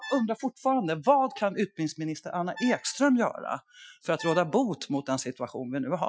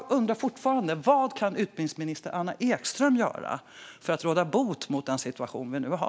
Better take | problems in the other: second | noise reduction (classical method Wiener filter)

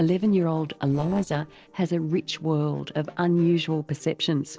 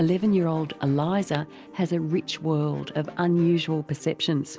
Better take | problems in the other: second | noise reduction (neural separator model SepFormer DNS4)

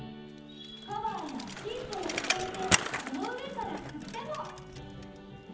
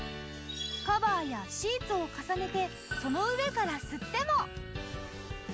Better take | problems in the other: second | background sound (Bicycle); 2 dB above the speech // room echo; dies away in 1.3 s

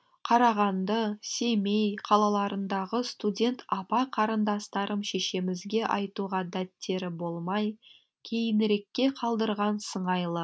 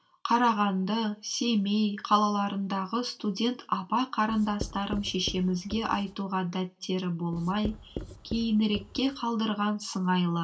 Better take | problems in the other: first | background sound (Writing); 13 dB below the speech // room echo; dies away in 0.2 s

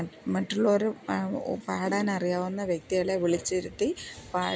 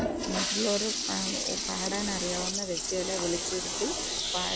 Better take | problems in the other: first | background sound (Toilet flush); 2 dB above the speech

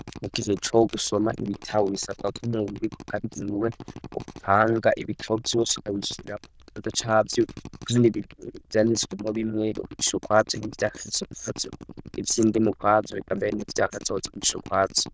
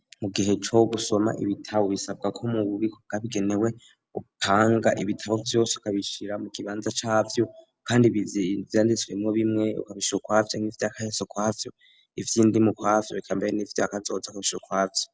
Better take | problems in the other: second | noise reduction (neural diffusion model UNIVERSE++)

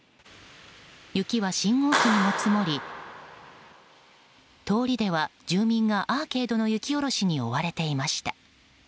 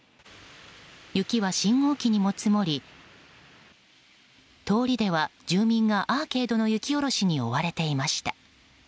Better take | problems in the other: second | background sound (Clapping); 8 dB below the speech

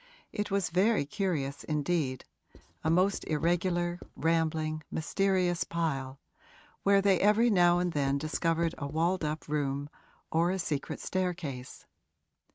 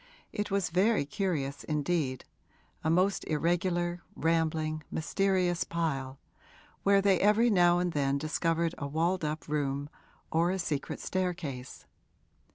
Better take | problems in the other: second | noise reduction (neural mask model RNNoise)

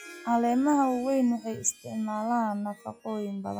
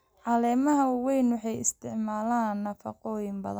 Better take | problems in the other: second | noise reduction (classical method log-MMSE)

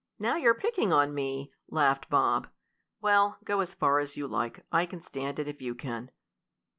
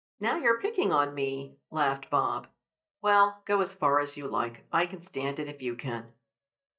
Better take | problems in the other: first | noise reduction (neural mask model DeepFilterNet 3)

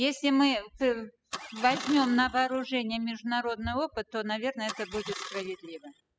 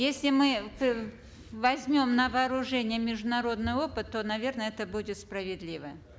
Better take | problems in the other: second | noise reduction (classical method spectral subtraction)

